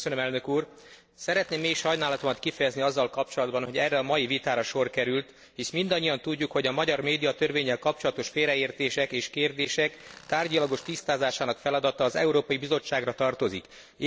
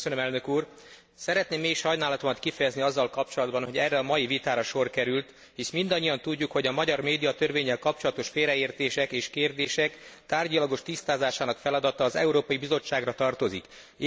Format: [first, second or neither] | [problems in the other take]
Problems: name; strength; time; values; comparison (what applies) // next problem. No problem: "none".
second | noise reduction (neural separator model SepFormer DNS4)